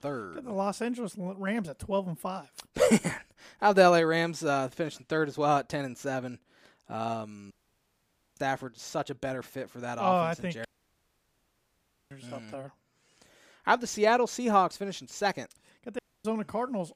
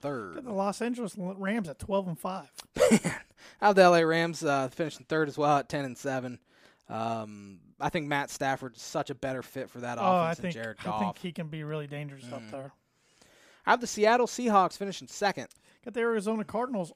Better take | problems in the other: second | audio cutting out; at 7.5 s for 1 s, at 11 s for 1.5 s and at 16 s

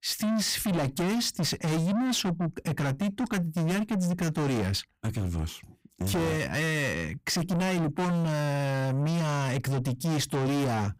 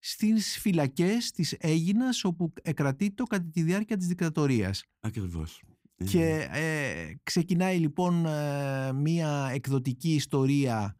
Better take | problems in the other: second | distortion; heavy; 6 dB below the speech

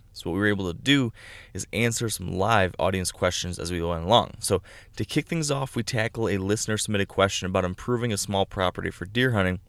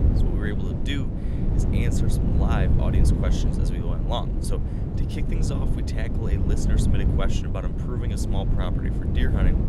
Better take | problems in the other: first | wind noise on the microphone; heavy; as loud as the speech

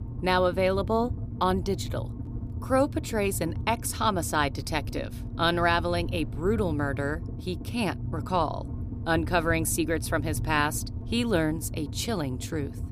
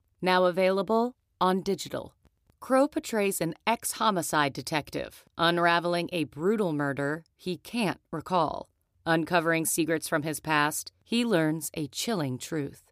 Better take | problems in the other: second | low rumble; noticeable; throughout; 20 dB below the speech

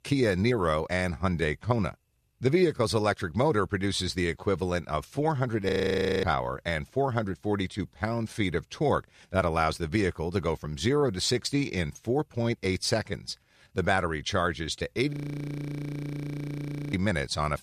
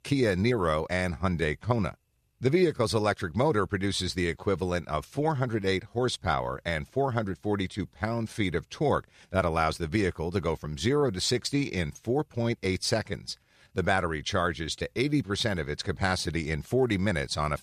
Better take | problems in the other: second | audio freezing; at 5.5 s for 0.5 s and at 15 s for 2 s

